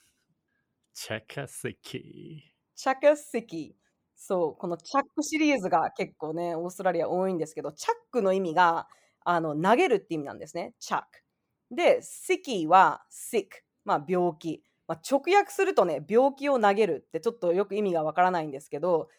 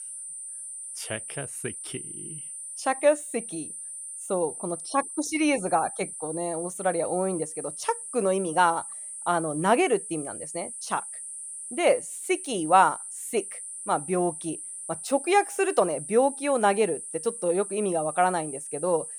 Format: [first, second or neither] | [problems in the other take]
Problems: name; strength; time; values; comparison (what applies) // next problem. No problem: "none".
first | high-pitched whine; loud; throughout; 9 kHz, 9 dB below the speech